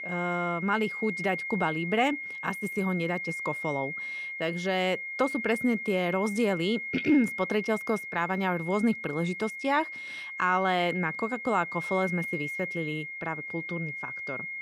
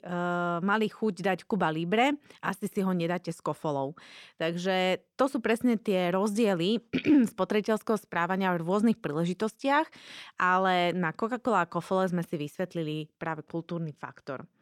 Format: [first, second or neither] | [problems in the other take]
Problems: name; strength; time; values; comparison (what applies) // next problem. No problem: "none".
second | high-pitched whine; loud; throughout; 2 kHz, 5 dB below the speech